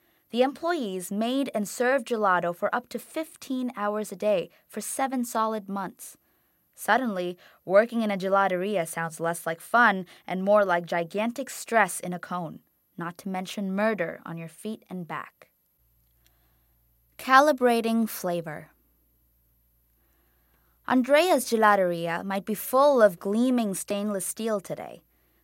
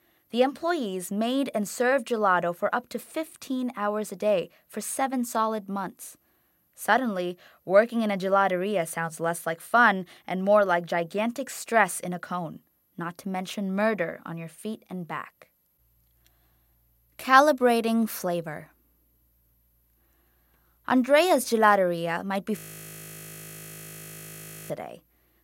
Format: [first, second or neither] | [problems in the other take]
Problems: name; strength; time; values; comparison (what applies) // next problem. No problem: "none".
first | audio freezing; at 23 s for 2 s